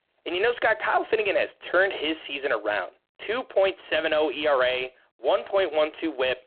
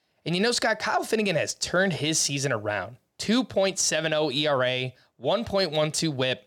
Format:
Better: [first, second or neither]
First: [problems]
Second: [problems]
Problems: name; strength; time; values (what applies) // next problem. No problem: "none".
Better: second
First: phone-call audio; poor line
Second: none